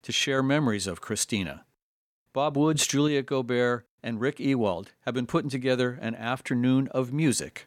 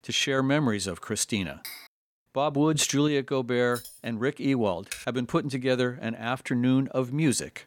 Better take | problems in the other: first | clattering dishes; faint; at 1.5 s; peak 15 dB below the speech // jangling keys; faint; at 3.5 s; peak 15 dB below the speech // keyboard typing; faint; at 5 s; peak 10 dB below the speech

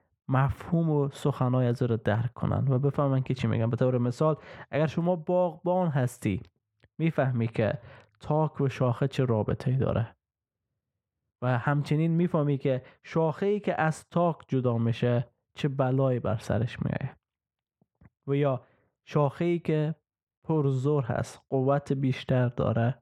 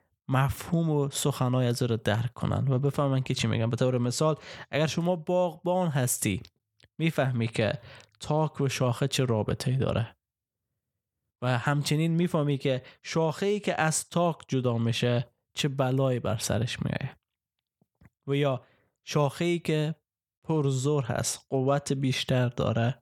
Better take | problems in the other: second | muffled; very; fading above 3 kHz

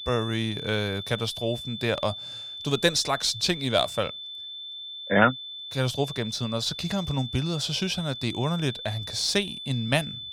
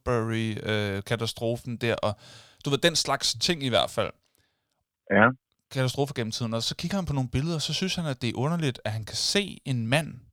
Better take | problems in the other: second | high-pitched whine; loud; throughout; 3.5 kHz, 9 dB below the speech

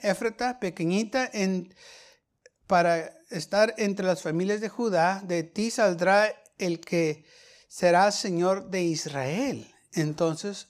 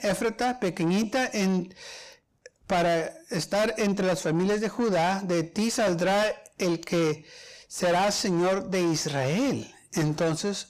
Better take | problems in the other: first | distortion; heavy; 7 dB below the speech

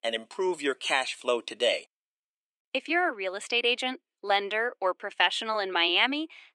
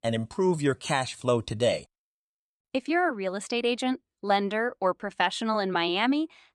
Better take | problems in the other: second | thin; somewhat; fading below 300 Hz

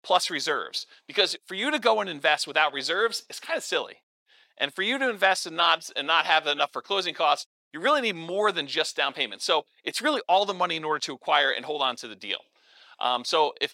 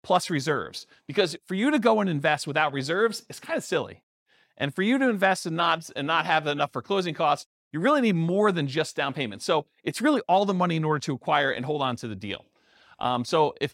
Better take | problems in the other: second | thin; somewhat; fading below 500 Hz

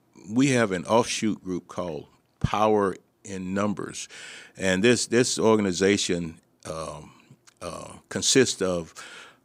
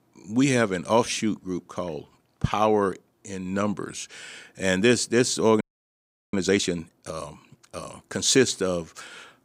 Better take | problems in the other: first | audio freezing; at 5.5 s for 0.5 s

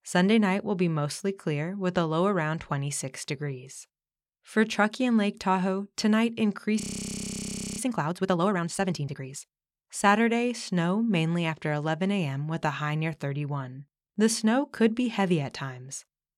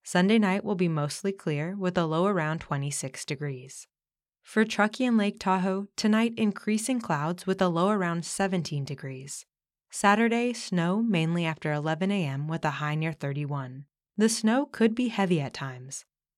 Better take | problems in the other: second | audio freezing; at 7 s for 1 s

